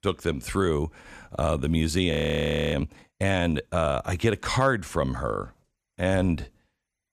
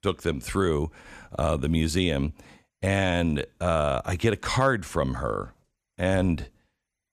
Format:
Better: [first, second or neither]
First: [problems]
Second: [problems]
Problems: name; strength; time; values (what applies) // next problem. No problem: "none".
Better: second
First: audio freezing; at 2 s for 0.5 s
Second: none